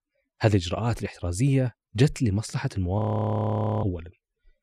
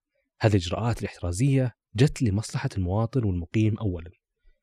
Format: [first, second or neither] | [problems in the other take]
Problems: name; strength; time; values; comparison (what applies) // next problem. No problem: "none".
second | audio freezing; at 3 s for 1 s